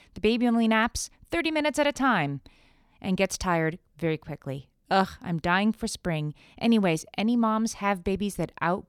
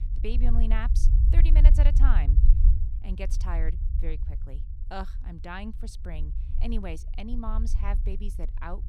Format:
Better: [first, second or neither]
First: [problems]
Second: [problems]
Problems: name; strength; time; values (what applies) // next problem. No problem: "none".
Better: first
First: none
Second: low rumble; loud; throughout; 7 dB below the speech